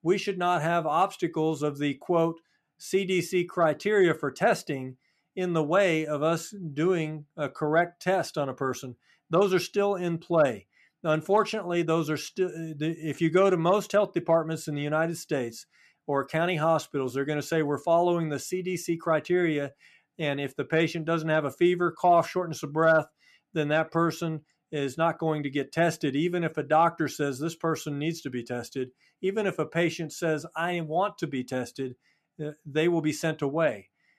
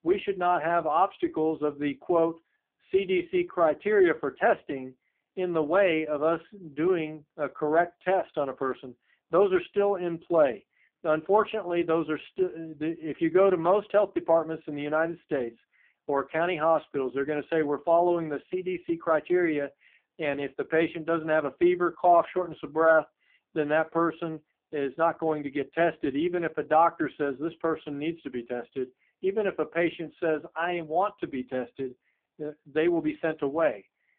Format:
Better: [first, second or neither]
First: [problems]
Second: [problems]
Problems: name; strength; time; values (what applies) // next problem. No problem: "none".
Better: first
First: none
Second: phone-call audio; poor line